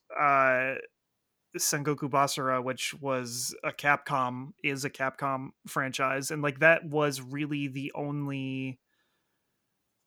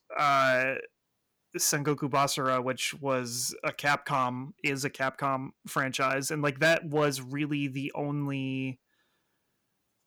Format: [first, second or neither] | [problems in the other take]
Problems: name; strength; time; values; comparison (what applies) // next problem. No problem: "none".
first | distortion; slight; 1.9% of the sound clipped